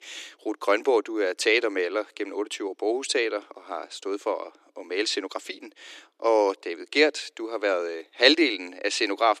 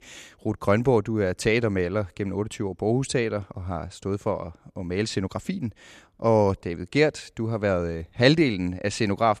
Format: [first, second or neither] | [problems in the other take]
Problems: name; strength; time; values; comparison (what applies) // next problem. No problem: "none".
second | thin; somewhat; fading below 300 Hz